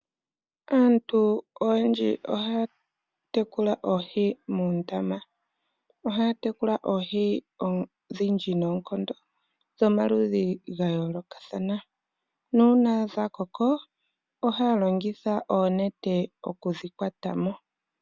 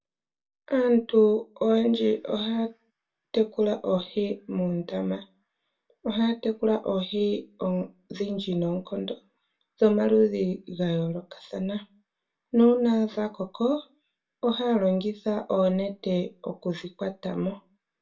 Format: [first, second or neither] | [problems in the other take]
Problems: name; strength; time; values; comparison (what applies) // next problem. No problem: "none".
first | room echo; dies away in 0.2 s